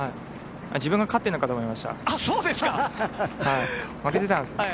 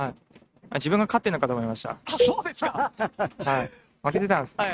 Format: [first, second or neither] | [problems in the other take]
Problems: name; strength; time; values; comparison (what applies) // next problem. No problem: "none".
first | noise reduction (neural mask model RNNoise)